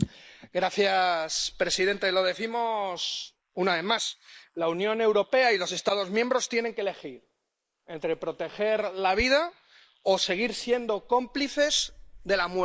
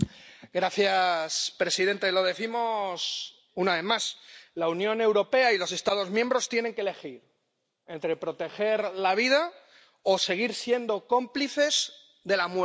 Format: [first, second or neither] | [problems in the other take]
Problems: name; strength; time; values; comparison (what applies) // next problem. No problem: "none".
second | noise reduction (neural mask model Resemble Enhance denoiser)